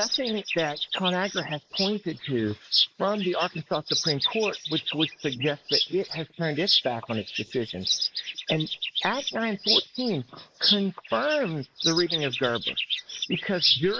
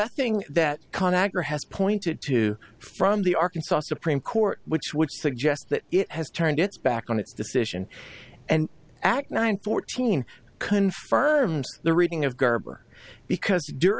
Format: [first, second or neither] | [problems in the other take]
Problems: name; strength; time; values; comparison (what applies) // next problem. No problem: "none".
second | noise reduction (neural mask model Resemble Enhance denoiser)